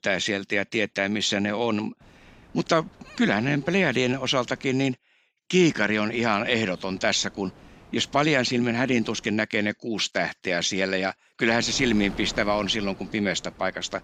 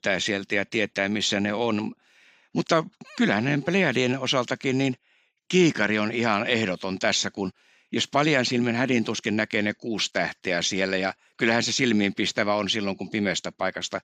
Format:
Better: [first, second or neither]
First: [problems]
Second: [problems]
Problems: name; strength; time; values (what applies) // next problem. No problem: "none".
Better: second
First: wind noise on the microphone; occasional gusts; from 2 to 4.5 s, from 5.5 to 9.5 s and from 11 s on; 25 dB below the speech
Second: none